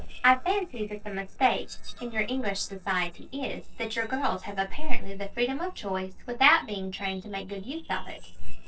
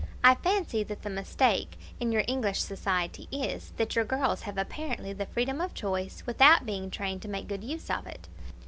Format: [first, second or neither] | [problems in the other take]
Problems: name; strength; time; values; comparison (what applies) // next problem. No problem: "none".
second | noise reduction (neural separator model SepFormer DNS4)